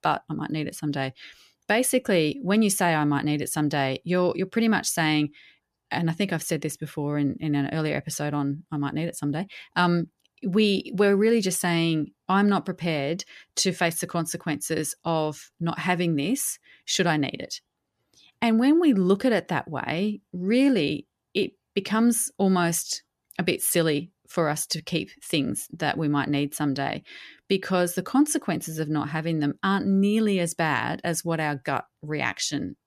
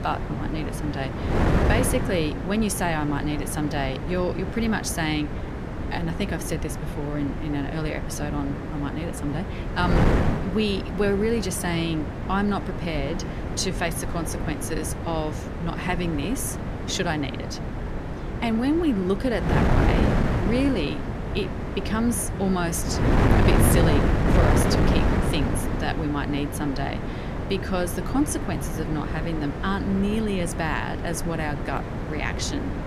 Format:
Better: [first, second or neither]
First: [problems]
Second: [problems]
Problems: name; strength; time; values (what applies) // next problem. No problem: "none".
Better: first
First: none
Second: wind noise on the microphone; heavy; 2 dB below the speech